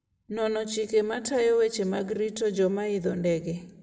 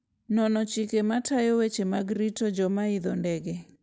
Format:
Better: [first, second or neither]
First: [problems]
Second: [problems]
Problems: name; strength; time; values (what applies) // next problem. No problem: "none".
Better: second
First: room echo; dies away in 0.8 s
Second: none